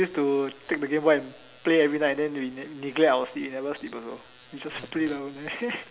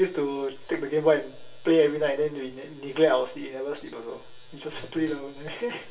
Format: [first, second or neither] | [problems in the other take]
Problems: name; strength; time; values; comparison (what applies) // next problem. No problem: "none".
first | room echo; dies away in 0.2 s